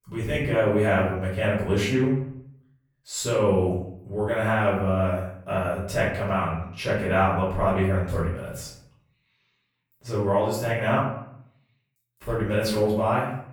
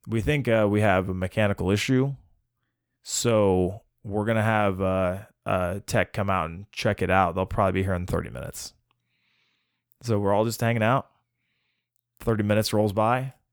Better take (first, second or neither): second